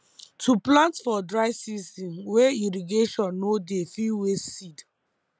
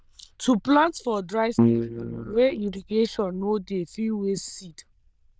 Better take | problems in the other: first | noise reduction (neural diffusion model UNIVERSE++)

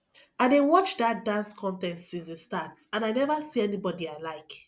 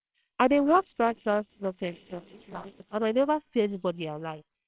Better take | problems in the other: first | noise reduction (neural separator model SepFormer WHAMR!)

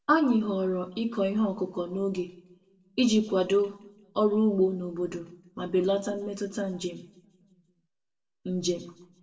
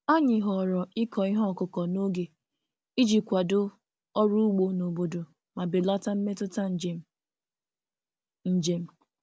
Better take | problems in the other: second | room echo; dies away in 0.6 s

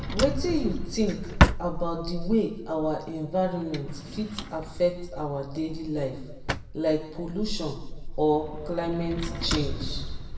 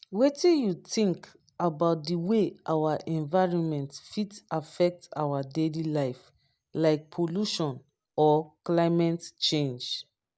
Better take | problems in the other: second | background sound (Drawer open or close); 1 dB below the speech // room echo; dies away in 0.9 s

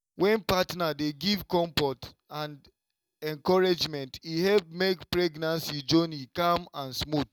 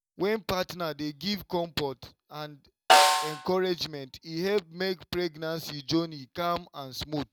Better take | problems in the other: first | background sound (Snare drum); 5 dB above the speech

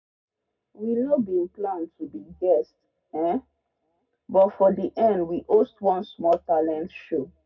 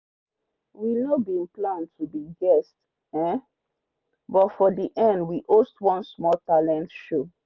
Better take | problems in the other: second | room echo; dies away in 0.2 s

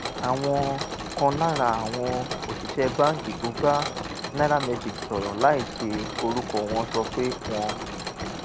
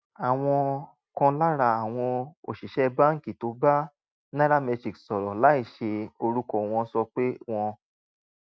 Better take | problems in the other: second | background sound (Mechanisms); 6 dB below the speech

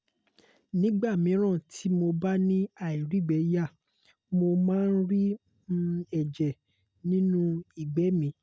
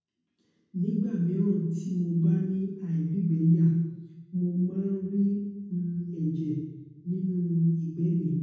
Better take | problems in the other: first | room echo; dies away in 1.1 s

